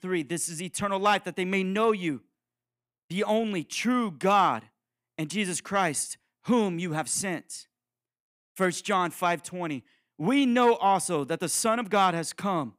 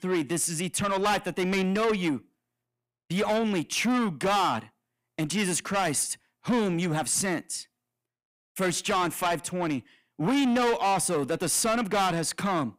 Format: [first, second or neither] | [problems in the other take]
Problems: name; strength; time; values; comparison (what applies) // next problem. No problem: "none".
first | distortion; heavy; 7 dB below the speech